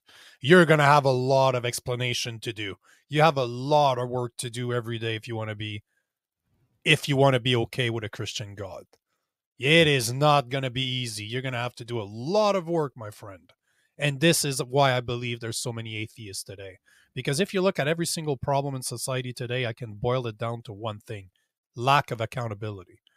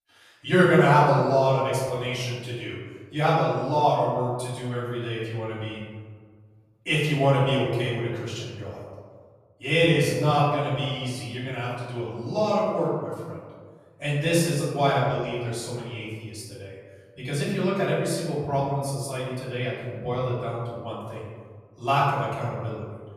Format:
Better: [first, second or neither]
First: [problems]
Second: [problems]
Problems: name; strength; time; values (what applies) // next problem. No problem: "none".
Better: first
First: none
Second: off-mic speech; far // room echo; noticeable; dies away in 1.5 s